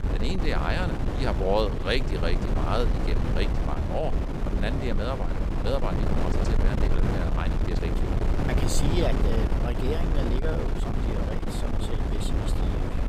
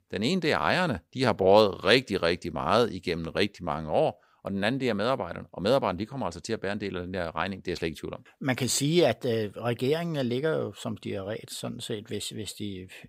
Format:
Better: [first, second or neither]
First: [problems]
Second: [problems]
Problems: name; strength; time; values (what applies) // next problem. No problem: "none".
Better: second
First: wind noise on the microphone; heavy; 2 dB below the speech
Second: none